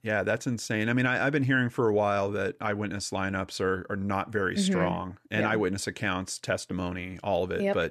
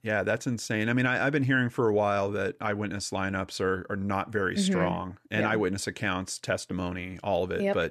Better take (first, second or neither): neither